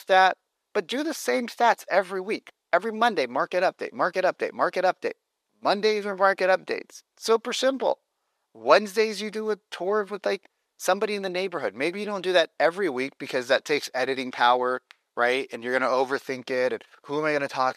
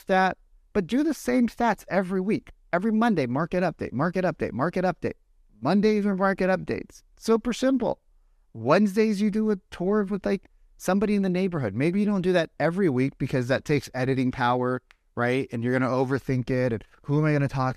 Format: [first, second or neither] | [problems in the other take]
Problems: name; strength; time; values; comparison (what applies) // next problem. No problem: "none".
second | thin; very; fading below 550 Hz